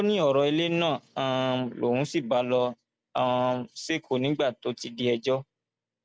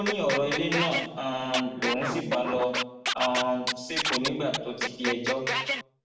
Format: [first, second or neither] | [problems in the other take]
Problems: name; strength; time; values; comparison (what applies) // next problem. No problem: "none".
first | background sound (Scratching (performance technique)); 2 dB below the speech // room echo; dies away in 0.8 s